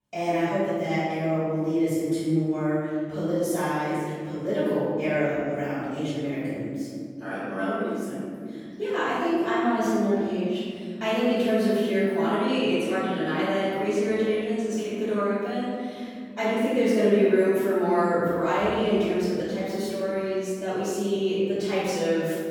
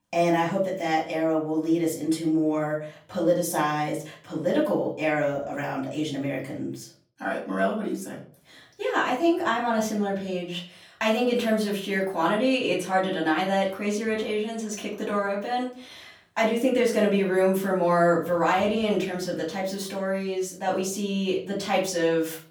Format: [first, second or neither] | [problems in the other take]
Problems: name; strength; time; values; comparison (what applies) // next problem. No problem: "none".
second | room echo; strong; dies away in 2.7 s; slight in the second // off-mic speech; far; far in the second